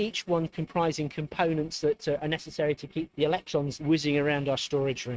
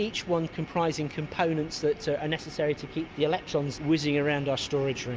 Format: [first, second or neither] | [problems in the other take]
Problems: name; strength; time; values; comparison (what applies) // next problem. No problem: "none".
second | noise reduction (neural mask model RNNoise)